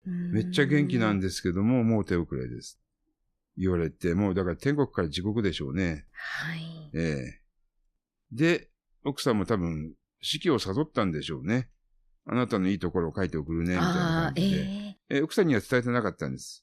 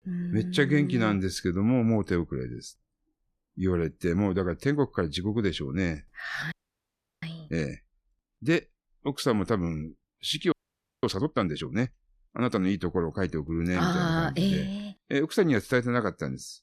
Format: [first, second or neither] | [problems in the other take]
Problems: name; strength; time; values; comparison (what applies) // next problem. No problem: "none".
first | audio freezing; at 6.5 s for 0.5 s and at 11 s for 0.5 s